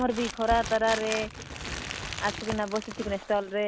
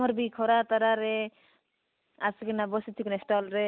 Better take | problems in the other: second | background sound (Crumpling, crinkling); 8 dB below the speech

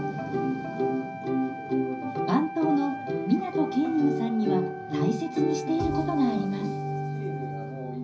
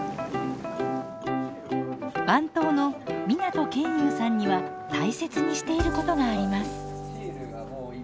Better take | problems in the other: second | background sound (Wind instrument, woodwind instrument); 12 dB below the speech // room echo; dies away in 0.5 s

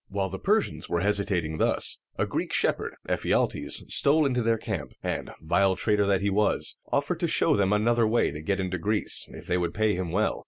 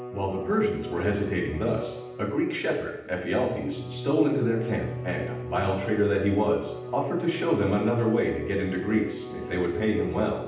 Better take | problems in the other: first | background sound (Bowed string instrument); 11 dB below the speech // room echo; dies away in 0.8 s

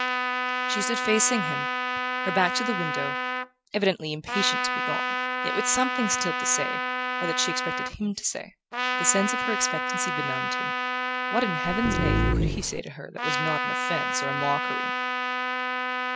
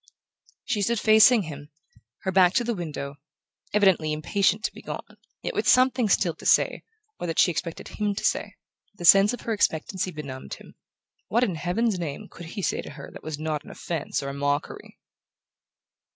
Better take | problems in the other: second | background sound (Trumpet + Dog); 2 dB above the speech

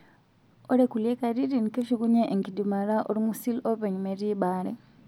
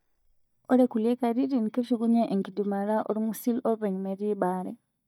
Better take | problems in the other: first | noise reduction (neural mask model DeepFilterNet 3)

